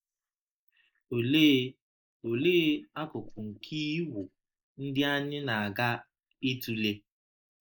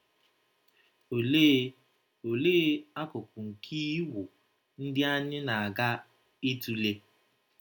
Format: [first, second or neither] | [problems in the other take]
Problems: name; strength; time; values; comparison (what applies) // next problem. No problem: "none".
second | noise reduction (neural mask model Resemble Enhance denoiser)